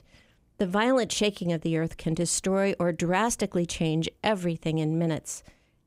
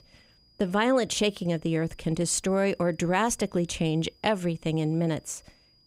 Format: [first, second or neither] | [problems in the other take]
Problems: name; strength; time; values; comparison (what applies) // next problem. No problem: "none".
first | high-pitched whine; faint; throughout; 5 kHz, 35 dB below the speech